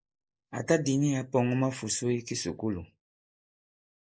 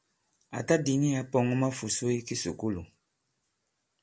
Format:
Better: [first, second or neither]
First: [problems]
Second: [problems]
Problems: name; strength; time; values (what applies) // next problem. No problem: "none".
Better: second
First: noise reduction (neural mask model Resemble Enhance denoiser)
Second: none